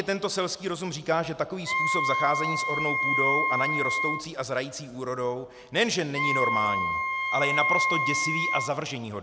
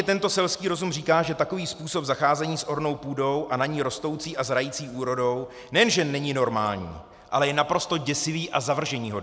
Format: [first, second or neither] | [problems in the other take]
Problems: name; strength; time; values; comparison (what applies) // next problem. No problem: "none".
second | background sound (Wind instrument, woodwind instrument); 3 dB above the speech